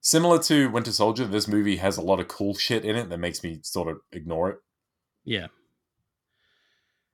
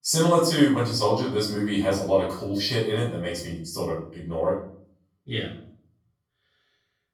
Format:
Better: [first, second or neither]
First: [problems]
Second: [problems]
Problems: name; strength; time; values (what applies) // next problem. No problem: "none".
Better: first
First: none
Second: off-mic speech; far // room echo; noticeable; dies away in 0.5 s